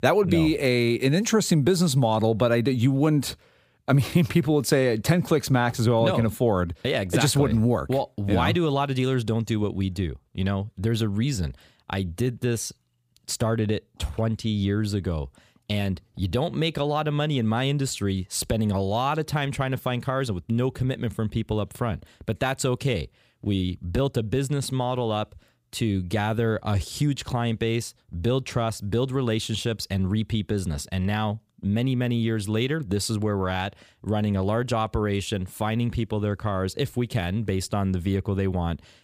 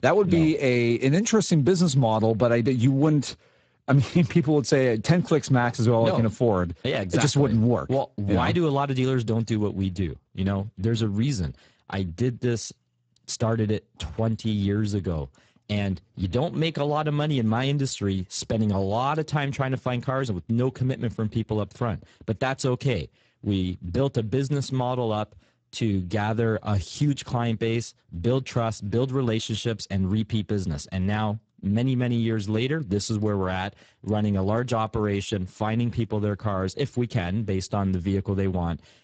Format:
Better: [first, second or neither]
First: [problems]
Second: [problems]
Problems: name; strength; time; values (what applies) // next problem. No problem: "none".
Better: first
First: none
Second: garbled, watery; badly; nothing above 8 kHz